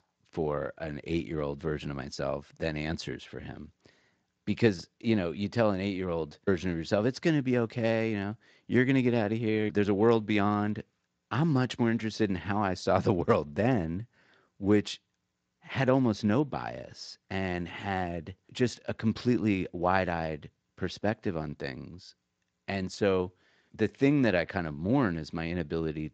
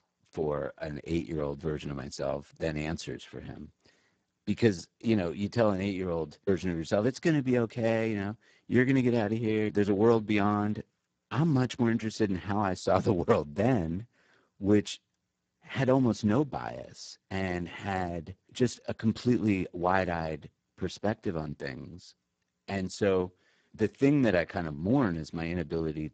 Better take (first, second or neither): first